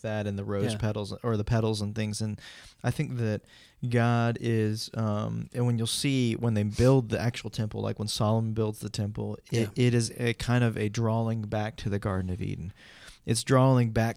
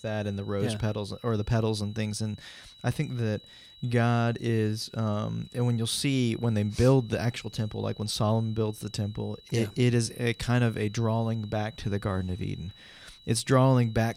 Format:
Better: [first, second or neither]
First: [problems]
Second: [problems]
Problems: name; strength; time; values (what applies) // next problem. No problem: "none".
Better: first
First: none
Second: high-pitched whine; faint; throughout; 4 kHz, 25 dB below the speech